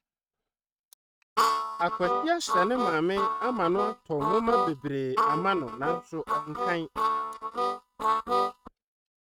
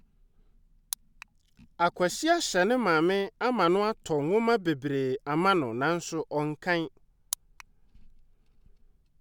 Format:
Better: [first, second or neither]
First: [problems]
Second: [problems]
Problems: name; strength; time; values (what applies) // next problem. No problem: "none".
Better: second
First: noise reduction (neural mask model RNNoise)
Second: none